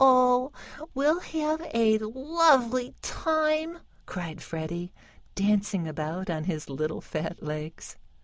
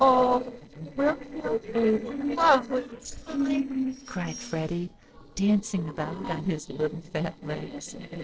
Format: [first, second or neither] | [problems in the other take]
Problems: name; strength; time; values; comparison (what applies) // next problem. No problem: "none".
first | noise reduction (neural separator model SepFormer DNS4)